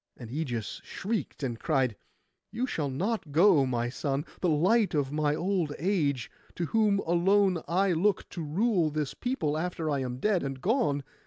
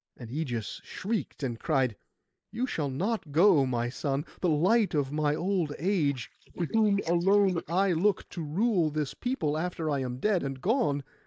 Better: first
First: none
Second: noise reduction (neural mask model Resemble Enhance denoiser)

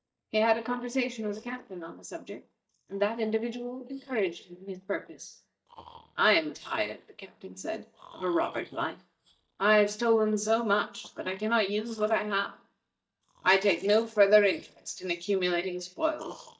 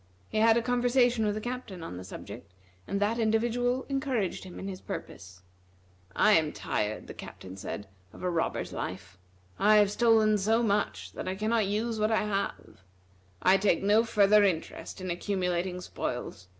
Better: second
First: noise reduction (neural mask model DeepFilterNet 3)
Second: none

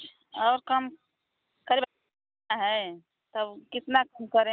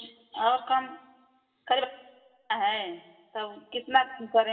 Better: first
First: none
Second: room echo; dies away in 0.9 s

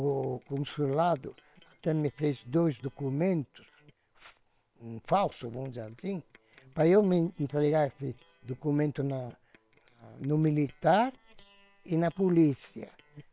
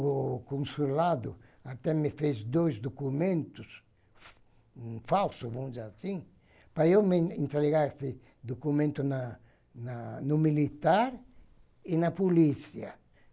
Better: second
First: noise reduction (neural separator model SepFormer WHAM!)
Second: none

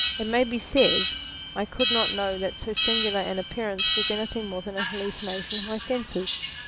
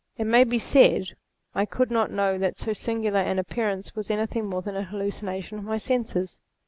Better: second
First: background sound (Alarm); 1 dB below the speech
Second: none

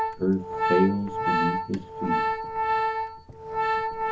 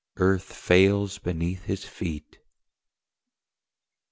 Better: second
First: background sound (Organ); 2 dB above the speech // room echo; dies away in 0.3 s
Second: none

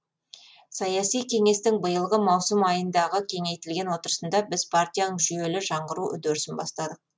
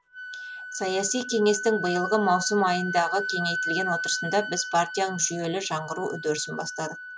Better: first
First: none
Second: background sound (Wind instrument, woodwind instrument); 7 dB below the speech

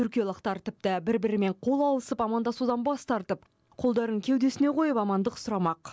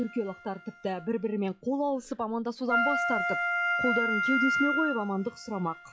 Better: first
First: none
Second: noise reduction (classical method log-MMSE)

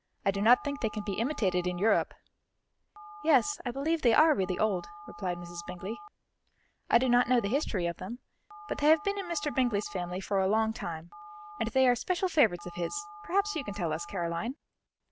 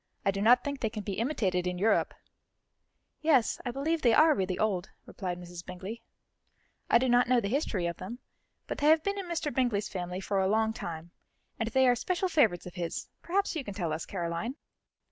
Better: second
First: background sound (Telephone); 18 dB below the speech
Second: none

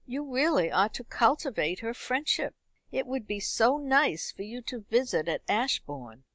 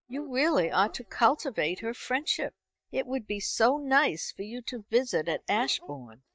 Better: first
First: none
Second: noise reduction (neural mask model DeepFilterNet 3)

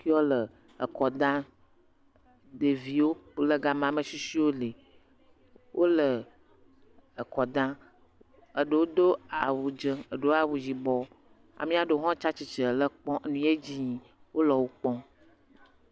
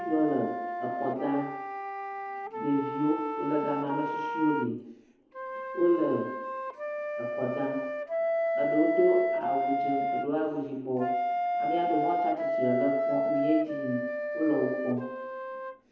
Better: first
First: none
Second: background sound (Wind instrument, woodwind instrument); 1 dB below the speech // room echo; dies away in 1 s

